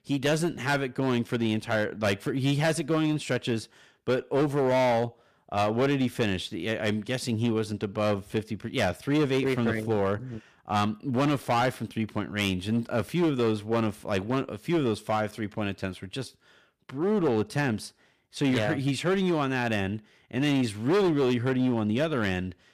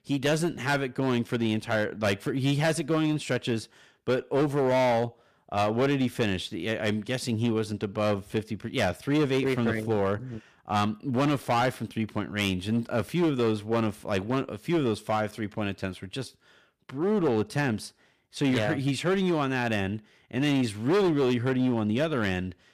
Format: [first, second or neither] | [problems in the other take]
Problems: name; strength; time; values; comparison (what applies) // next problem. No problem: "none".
neither | distortion; slight; 10% of the sound clipped; the same in both